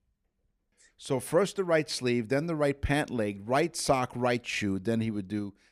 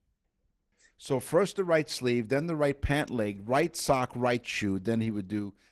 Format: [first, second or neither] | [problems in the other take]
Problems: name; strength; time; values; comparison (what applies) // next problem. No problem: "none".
first | garbled, watery; slightly